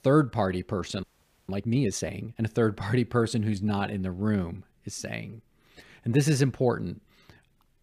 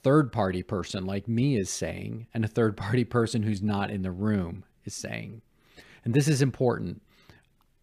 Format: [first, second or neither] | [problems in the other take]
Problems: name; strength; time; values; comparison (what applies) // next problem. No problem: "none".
second | audio freezing; at 1 s